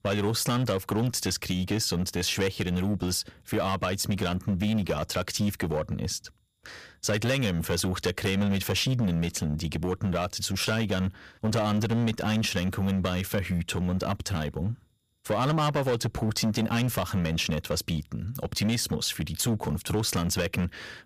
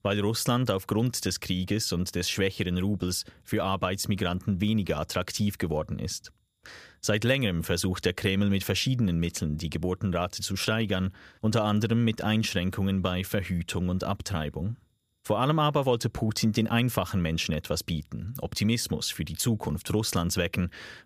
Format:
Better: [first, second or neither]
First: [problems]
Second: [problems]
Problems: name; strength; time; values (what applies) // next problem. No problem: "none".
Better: second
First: distortion; slight; 10% of the sound clipped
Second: none